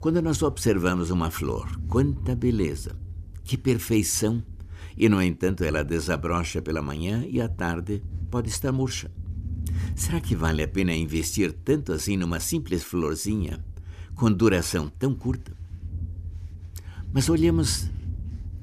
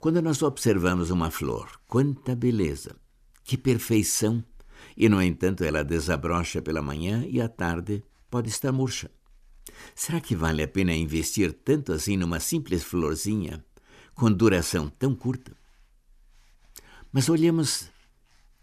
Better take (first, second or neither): second